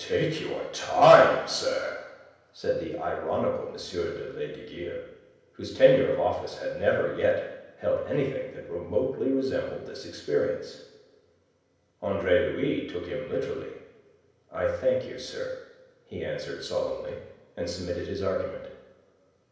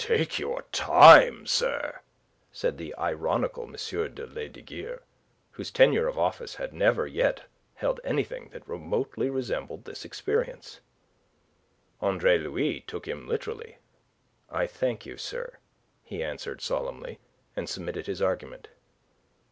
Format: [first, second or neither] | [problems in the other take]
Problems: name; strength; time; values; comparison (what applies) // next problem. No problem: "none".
second | room echo; dies away in 0.9 s